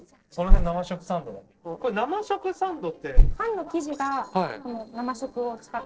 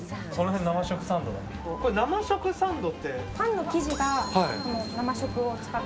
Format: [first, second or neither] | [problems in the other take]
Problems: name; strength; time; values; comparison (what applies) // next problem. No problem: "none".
second | noise reduction (neural separator model SepFormer DNS4)